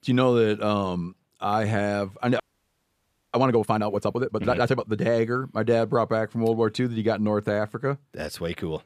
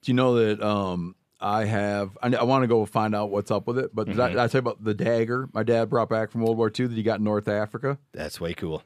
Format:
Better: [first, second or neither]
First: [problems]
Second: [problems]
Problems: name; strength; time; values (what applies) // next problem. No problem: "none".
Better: second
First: audio freezing; at 2.5 s for 1 s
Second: none